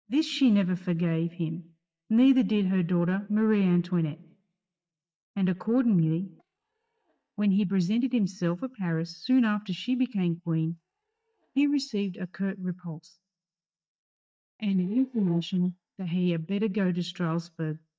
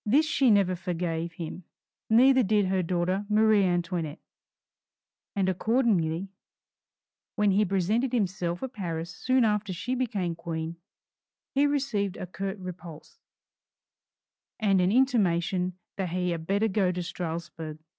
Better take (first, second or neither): second